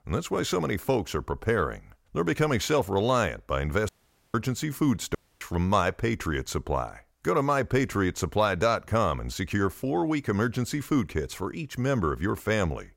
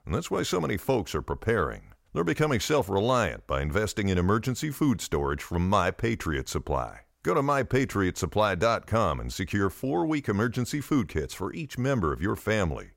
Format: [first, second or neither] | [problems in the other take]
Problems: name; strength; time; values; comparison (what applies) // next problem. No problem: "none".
second | audio cutting out; at 4 s and at 5 s